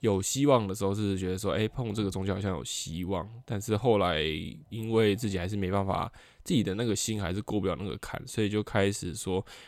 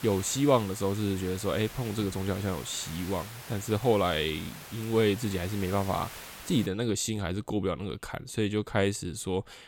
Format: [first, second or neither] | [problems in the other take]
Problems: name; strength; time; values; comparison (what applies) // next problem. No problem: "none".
first | hiss; noticeable; until 6.5 s; 15 dB below the speech